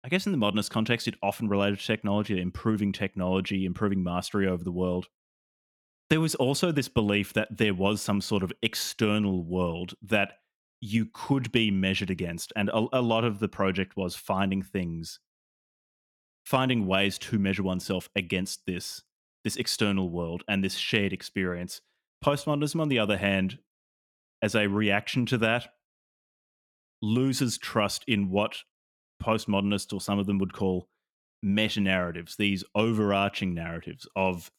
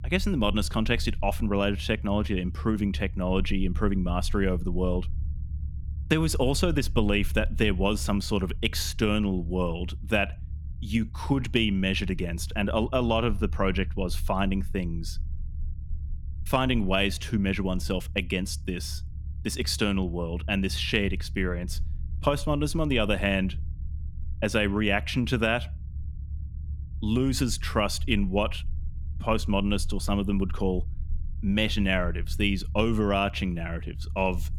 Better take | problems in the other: first | low rumble; faint; throughout; 25 dB below the speech

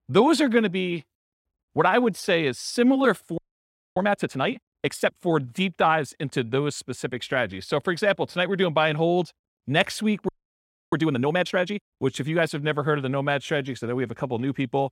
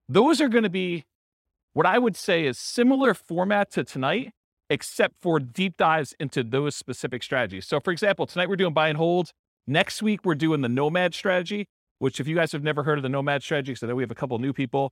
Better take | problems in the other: second | audio freezing; at 3.5 s for 0.5 s and at 10 s for 0.5 s

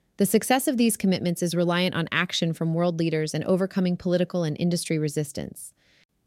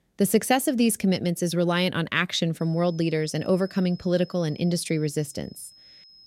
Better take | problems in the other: first | high-pitched whine; faint; from 2.5 s on; 5 kHz, 25 dB below the speech

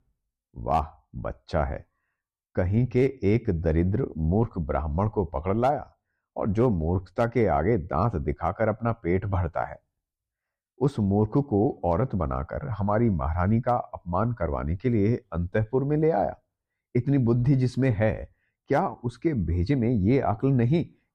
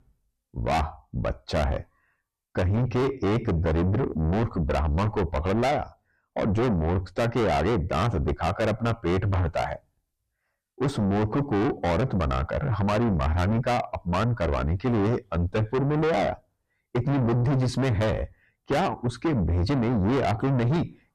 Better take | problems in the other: first | distortion; heavy; 5 dB below the speech

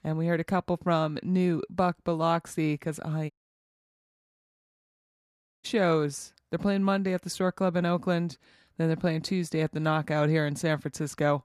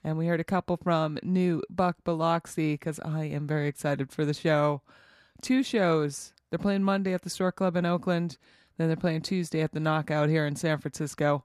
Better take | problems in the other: second | audio cutting out; at 3.5 s for 2.5 s

